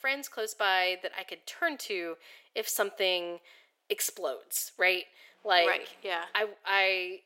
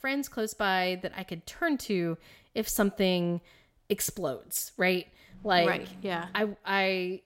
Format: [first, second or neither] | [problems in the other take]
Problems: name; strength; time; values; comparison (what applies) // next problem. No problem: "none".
second | thin; very; fading below 400 Hz